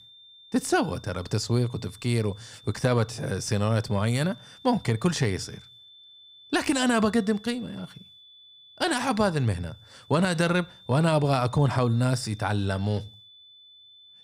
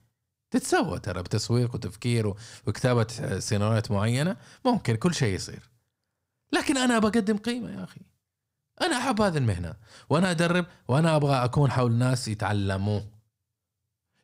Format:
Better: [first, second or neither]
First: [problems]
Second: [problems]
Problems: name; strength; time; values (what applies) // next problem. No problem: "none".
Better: second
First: high-pitched whine; faint; throughout; 3.5 kHz, 25 dB below the speech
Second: none